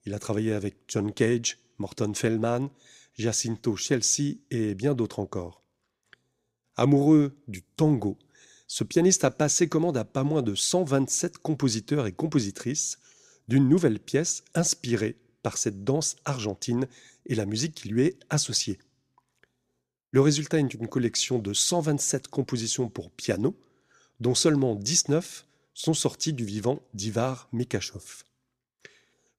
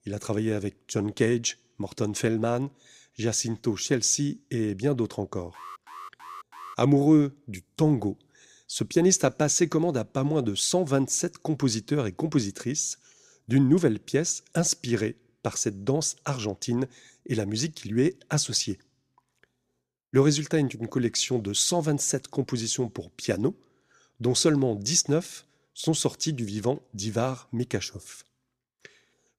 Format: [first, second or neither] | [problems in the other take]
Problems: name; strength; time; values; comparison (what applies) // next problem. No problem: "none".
first | alarm; faint; from 5.5 to 7 s; peak 15 dB below the speech